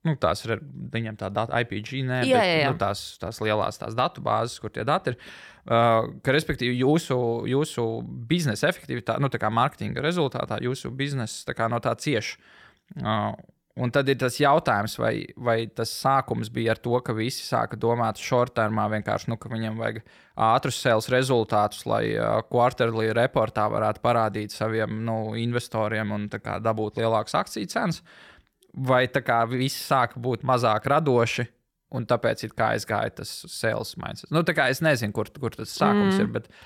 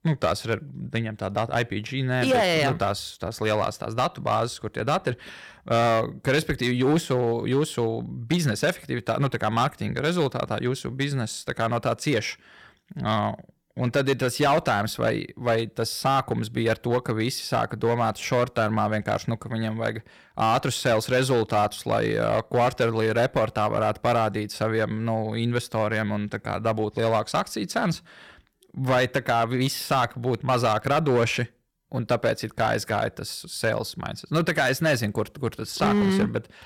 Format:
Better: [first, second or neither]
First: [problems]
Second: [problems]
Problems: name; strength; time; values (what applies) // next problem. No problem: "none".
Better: first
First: none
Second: distortion; slight; 5% of the sound clipped